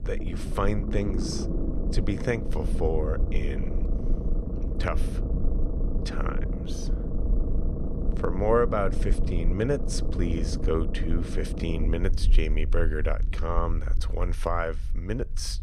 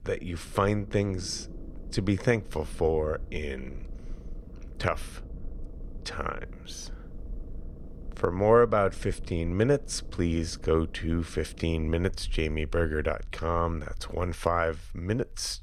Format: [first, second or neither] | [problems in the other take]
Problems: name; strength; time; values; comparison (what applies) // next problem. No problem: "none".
second | low rumble; loud; throughout; 9 dB below the speech; faint in the second